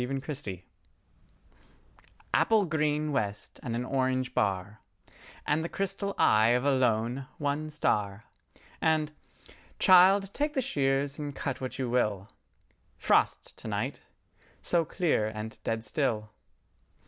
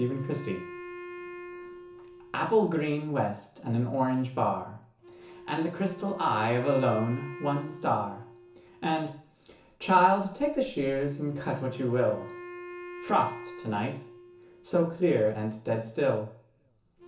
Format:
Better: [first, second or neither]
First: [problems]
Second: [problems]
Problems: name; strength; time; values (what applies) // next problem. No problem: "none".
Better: first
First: none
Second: background sound (Wind instrument, woodwind instrument); 16 dB below the speech // room echo; dies away in 0.7 s